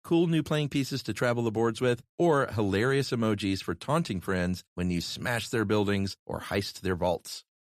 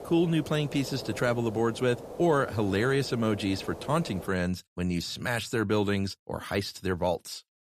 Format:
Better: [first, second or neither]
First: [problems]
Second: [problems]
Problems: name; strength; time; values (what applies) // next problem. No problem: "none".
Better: first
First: none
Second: hiss; noticeable; until 4.5 s; 15 dB below the speech